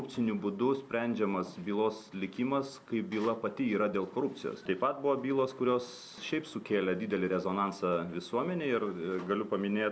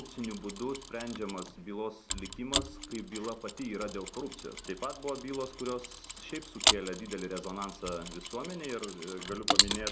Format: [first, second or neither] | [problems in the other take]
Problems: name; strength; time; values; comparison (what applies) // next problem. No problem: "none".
first | background sound (Mechanisms); 3 dB above the speech